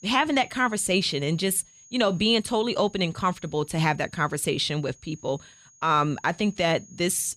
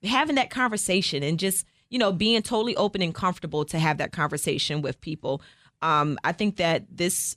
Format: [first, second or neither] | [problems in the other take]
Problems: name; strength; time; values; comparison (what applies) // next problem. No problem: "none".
second | high-pitched whine; faint; throughout; 6.5 kHz, 25 dB below the speech